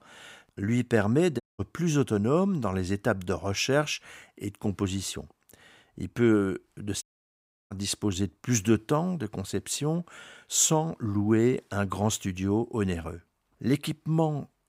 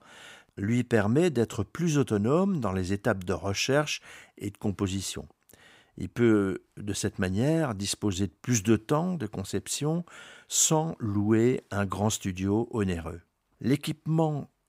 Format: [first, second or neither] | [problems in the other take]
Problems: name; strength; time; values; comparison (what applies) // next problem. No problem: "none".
second | audio cutting out; at 1.5 s and at 7 s for 0.5 s